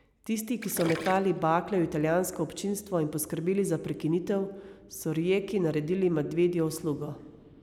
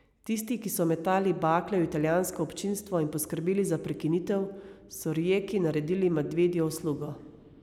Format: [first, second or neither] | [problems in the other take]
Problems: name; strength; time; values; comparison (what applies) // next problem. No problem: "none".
second | background sound (Gurgling); 16 dB below the speech